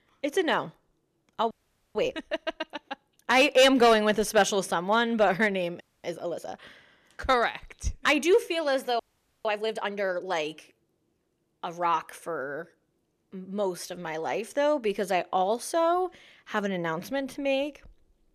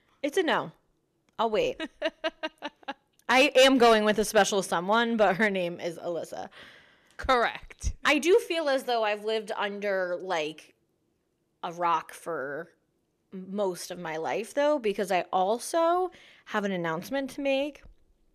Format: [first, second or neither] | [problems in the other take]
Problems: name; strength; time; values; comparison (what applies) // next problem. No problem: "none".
second | audio freezing; at 1.5 s, at 6 s and at 9 s